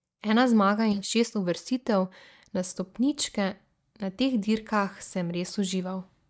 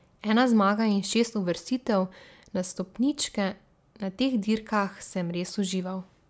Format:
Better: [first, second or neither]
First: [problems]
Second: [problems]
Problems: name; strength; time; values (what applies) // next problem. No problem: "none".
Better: second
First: noise reduction (neural mask model DeepFilterNet 3)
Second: none